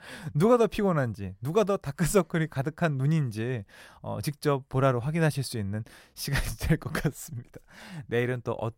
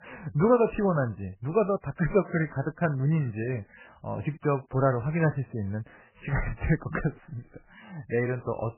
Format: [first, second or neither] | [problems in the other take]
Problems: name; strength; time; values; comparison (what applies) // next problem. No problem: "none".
first | garbled, watery; badly; nothing above 2.5 kHz